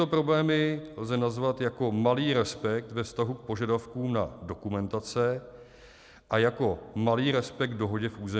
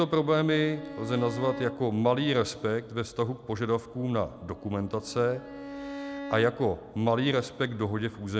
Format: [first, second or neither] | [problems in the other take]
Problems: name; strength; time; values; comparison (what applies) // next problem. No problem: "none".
first | background sound (Bowed string instrument); 15 dB below the speech